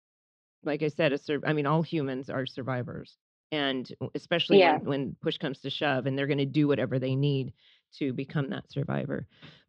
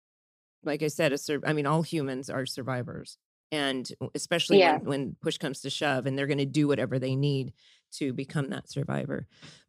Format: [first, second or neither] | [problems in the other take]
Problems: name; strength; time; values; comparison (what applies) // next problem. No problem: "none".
second | muffled; slightly; fading above 3.5 kHz